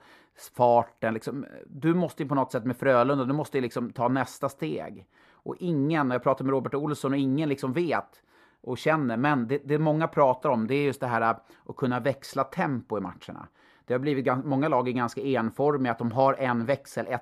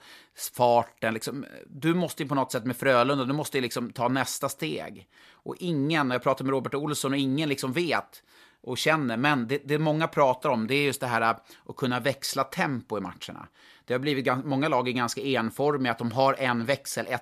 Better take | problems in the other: second | muffled; slightly; fading above 2 kHz

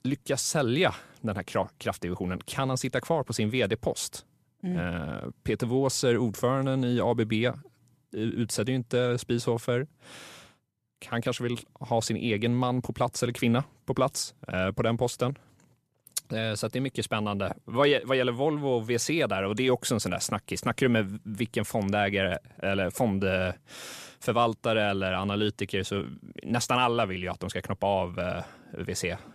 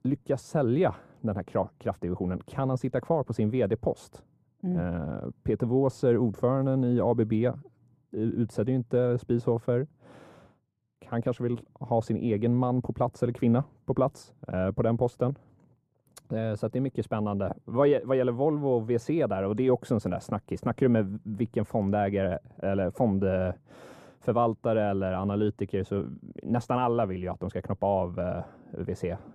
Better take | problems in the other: first | muffled; very; fading above 1.5 kHz

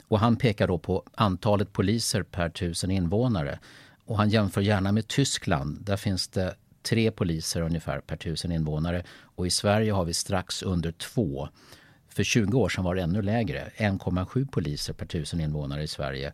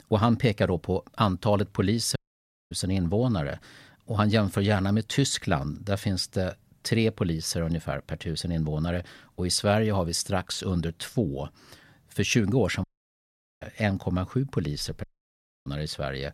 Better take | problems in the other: first | audio cutting out; at 2 s for 0.5 s, at 13 s for 1 s and at 15 s for 0.5 s

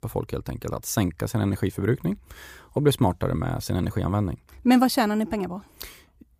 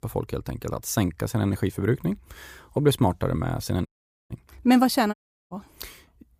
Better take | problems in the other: first | audio cutting out; at 4 s and at 5 s

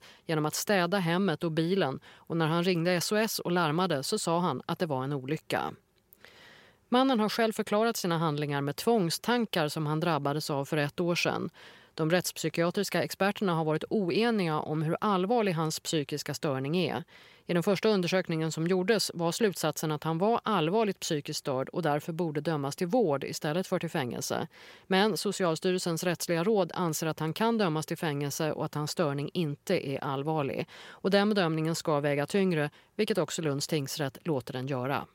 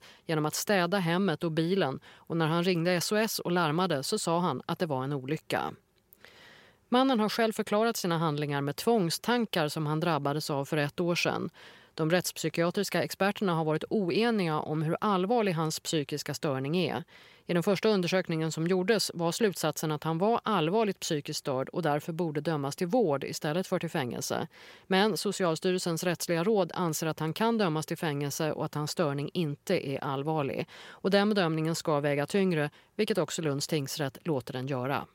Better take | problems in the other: neither | none

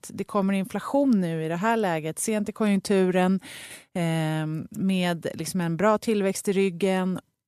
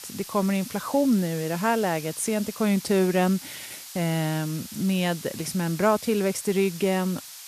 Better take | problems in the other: first | hiss; noticeable; throughout; 15 dB below the speech

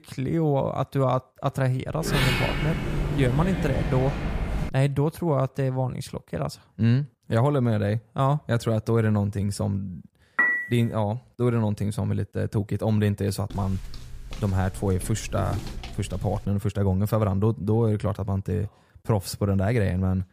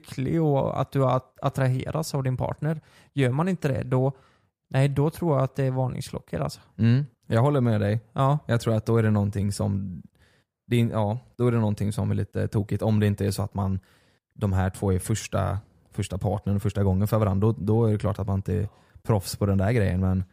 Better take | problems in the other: second | door banging; loud; from 2 to 4.5 s; peak 2 dB above the speech // clattering dishes; loud; at 10 s; peak 4 dB above the speech // footsteps; noticeable; from 14 to 17 s; peak 9 dB below the speech

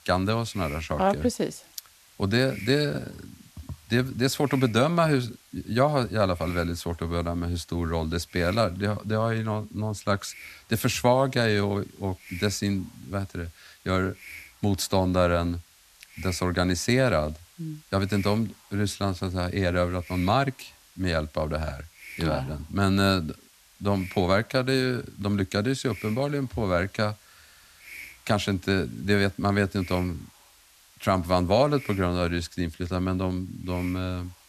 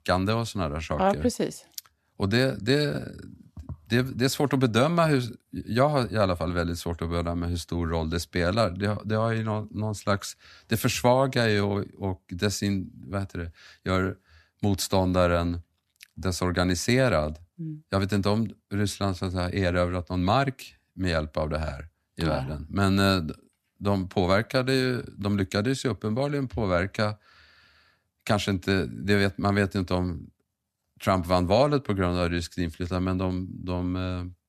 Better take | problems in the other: second | hiss; faint; throughout; 20 dB below the speech

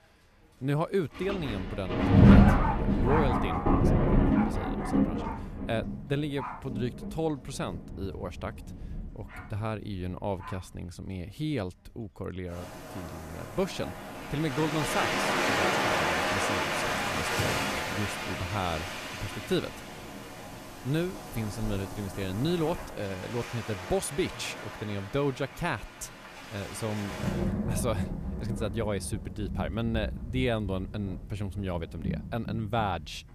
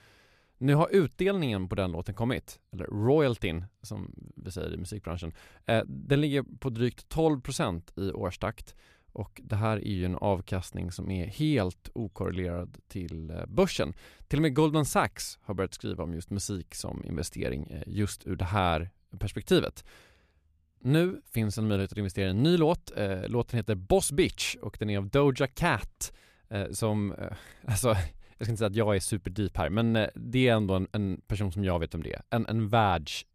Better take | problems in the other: second | rain or running water; very loud; throughout; 5 dB above the speech

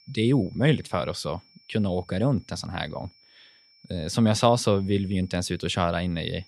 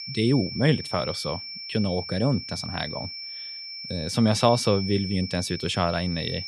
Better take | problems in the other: first | high-pitched whine; loud; throughout; 5.5 kHz, 8 dB below the speech; faint in the first

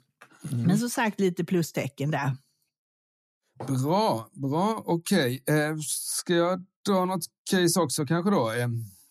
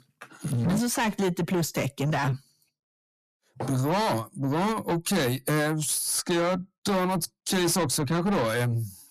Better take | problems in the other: first | distortion; heavy; 8 dB below the speech

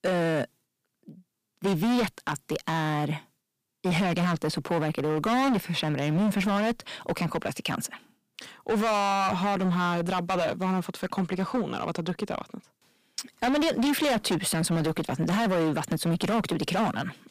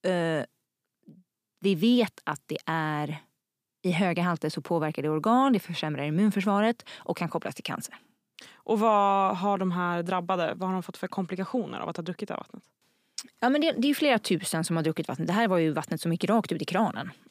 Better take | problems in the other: second | distortion; heavy; 17% of the sound clipped

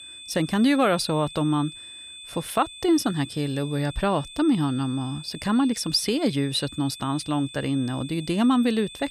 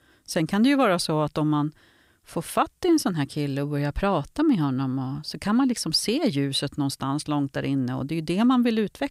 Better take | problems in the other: second | high-pitched whine; noticeable; throughout; 3.5 kHz, 15 dB below the speech

